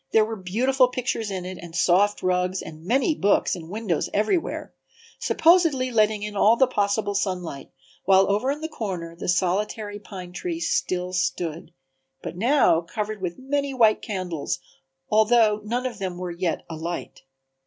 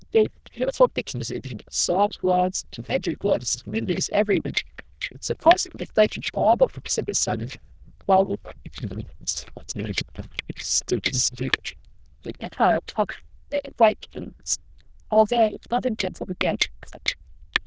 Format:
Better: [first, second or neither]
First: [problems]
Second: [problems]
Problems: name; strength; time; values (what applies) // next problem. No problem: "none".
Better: first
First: none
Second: noise reduction (neural diffusion model UNIVERSE++)